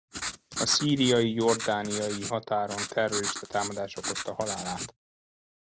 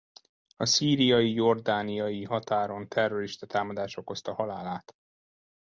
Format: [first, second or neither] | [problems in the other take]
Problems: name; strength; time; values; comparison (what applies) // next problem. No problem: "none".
second | noise reduction (neural mask model Resemble Enhance denoiser)